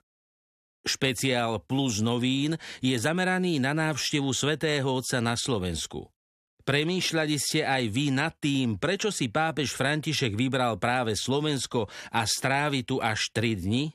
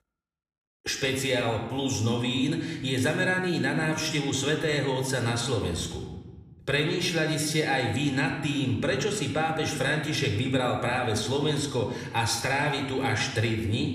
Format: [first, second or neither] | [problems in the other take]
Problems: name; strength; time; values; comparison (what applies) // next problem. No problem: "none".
first | room echo; slight; dies away in 1 s